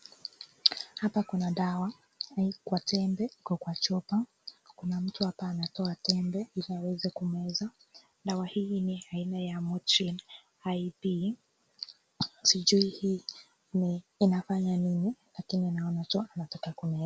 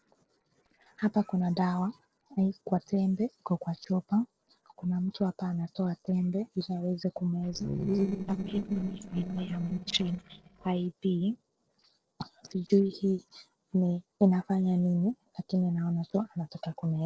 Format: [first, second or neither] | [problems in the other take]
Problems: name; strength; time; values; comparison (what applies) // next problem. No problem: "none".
first | noise reduction (neural separator model SepFormer DNS4)